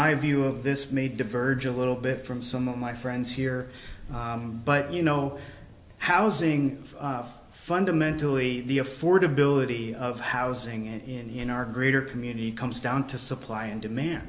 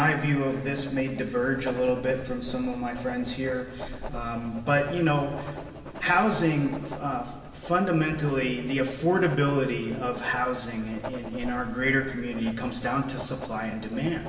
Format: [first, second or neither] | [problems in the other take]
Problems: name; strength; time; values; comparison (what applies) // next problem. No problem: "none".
first | background sound (Writing); 14 dB below the speech // room echo; dies away in 2.9 s